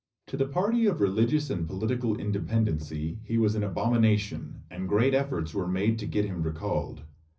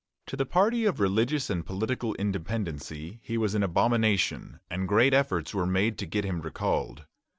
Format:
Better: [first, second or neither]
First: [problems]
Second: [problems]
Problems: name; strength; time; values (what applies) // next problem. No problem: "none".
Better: second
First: room echo; dies away in 0.4 s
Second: none